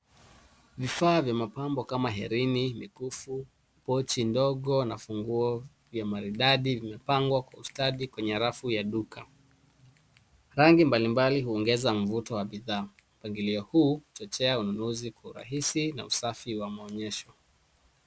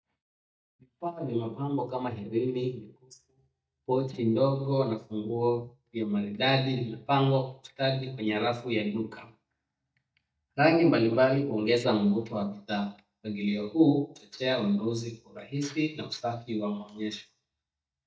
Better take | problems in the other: first | noise reduction (neural mask model DeepFilterNet 3)

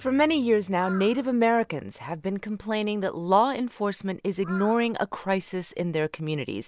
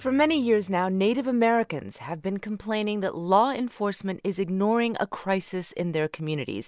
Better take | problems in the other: second | background sound (Crow); 19 dB below the speech

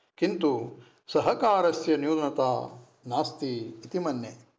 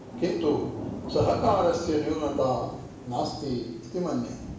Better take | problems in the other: first | background sound (Thunder / Rain); 9 dB below the speech // room echo; dies away in 0.7 s

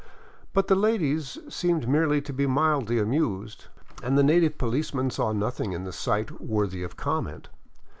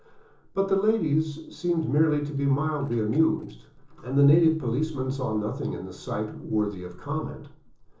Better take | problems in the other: first | noise reduction (neural separator model SepFormer DNS4)

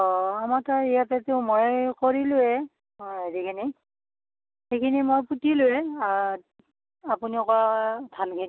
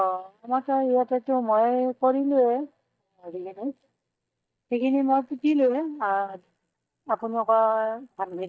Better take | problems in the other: first | noise reduction (neural mask model DeepFilterNet 3)

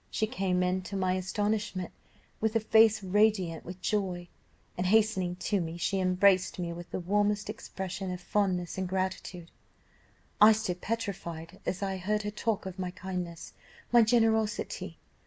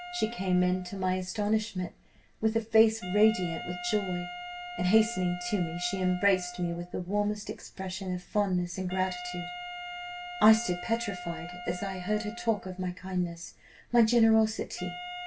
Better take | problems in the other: first | background sound (Wind instrument, woodwind instrument); 13 dB below the speech // room echo; dies away in 0.2 s

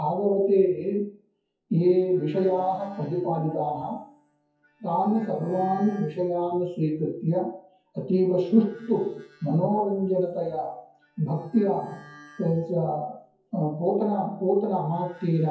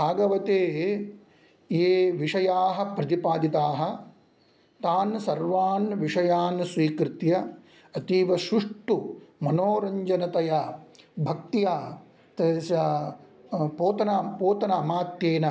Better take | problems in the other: second | noise reduction (classical method WPE with log-MMSE)

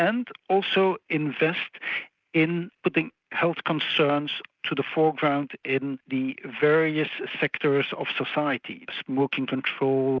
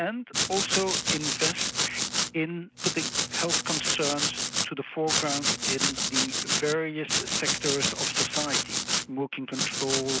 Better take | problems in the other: first | background sound (Domestic sounds, home sounds); 3 dB above the speech

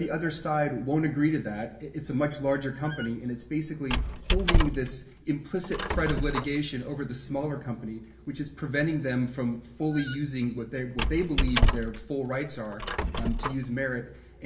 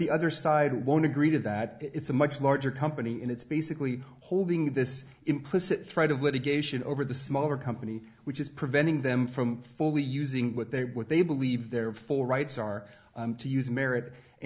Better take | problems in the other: second | background sound (Squeak); 2 dB below the speech // room echo; dies away in 0.7 s

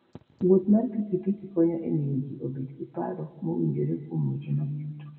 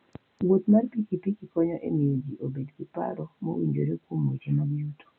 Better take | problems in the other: second | room echo; dies away in 1.4 s

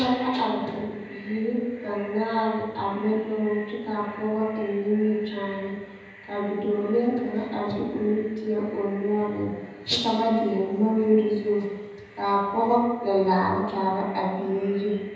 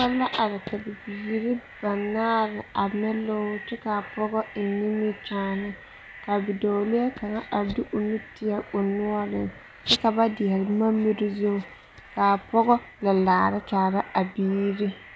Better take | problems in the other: second | room echo; dies away in 1 s

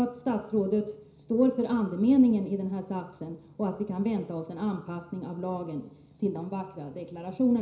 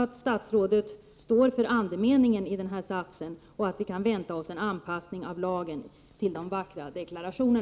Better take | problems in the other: second | room echo; dies away in 0.5 s

